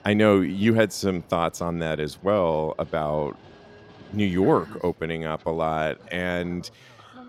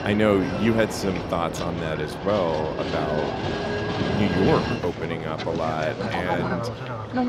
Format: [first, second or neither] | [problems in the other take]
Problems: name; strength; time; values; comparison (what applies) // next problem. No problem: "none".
first | train or aircraft noise; loud; throughout; 2 dB below the speech; faint in the first